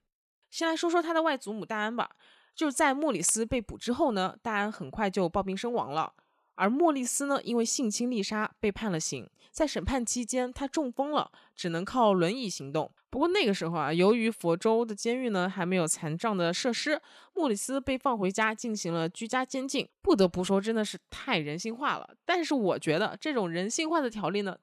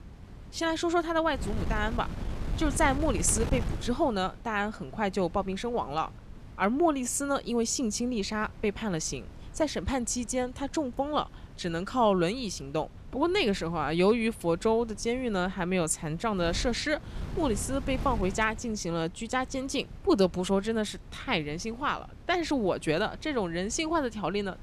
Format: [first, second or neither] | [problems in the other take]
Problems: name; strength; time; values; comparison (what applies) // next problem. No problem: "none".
first | wind noise on the microphone; occasional gusts; 20 dB below the speech